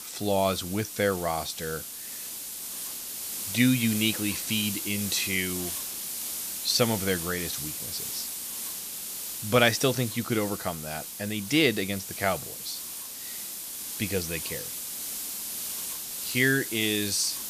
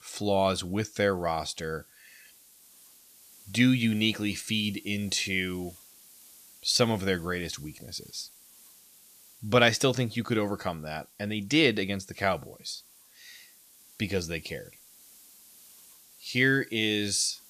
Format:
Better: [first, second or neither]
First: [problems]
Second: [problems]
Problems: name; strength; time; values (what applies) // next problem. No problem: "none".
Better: second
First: hiss; loud; throughout; 5 dB below the speech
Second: hiss; faint; throughout; 25 dB below the speech